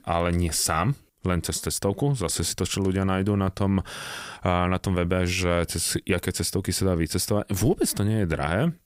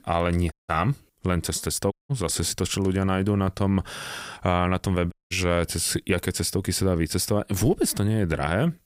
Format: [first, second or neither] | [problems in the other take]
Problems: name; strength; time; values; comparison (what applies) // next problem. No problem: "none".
first | audio cutting out; at 0.5 s, at 2 s and at 5 s